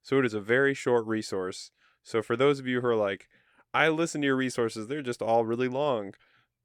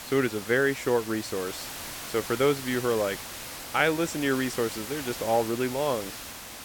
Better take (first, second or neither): first